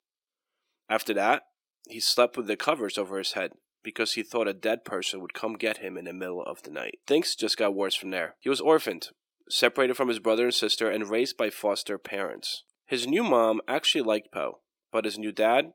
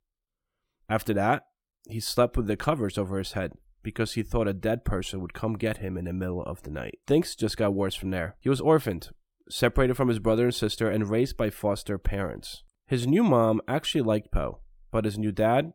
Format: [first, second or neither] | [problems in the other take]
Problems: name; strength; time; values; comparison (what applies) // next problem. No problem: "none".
second | thin; somewhat; fading below 300 Hz